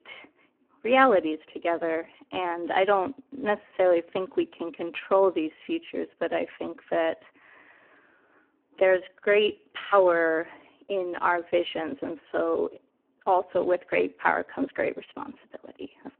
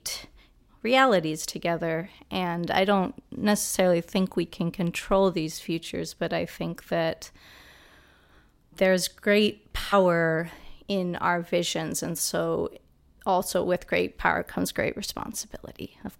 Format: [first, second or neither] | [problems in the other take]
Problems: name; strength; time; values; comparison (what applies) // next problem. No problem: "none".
second | phone-call audio; poor line